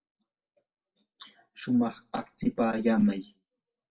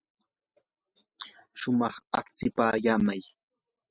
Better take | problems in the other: second | room echo; dies away in 0.2 s

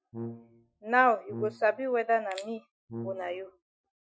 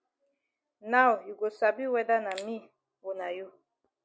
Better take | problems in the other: second | noise reduction (classical method Wiener filter)

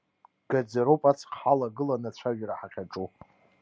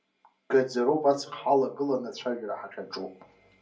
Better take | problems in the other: first | room echo; dies away in 0.2 s

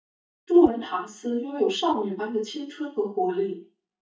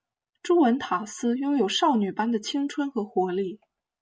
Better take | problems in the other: second | noise reduction (neural mask model DeepFilterNet 3)

